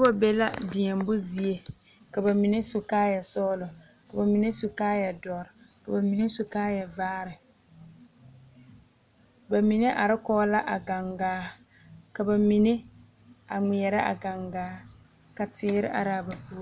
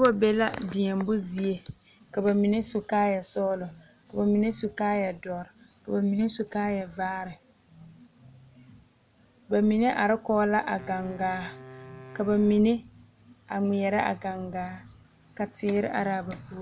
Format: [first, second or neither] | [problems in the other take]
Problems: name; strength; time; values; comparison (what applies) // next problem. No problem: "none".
first | background sound (Wind instrument, woodwind instrument); 20 dB below the speech